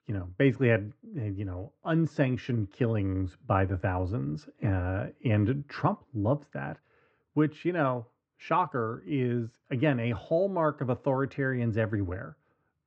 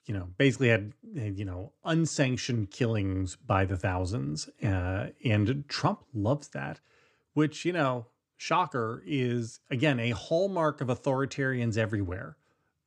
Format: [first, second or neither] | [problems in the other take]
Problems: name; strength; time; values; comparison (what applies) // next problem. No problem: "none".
second | muffled; very; fading above 2 kHz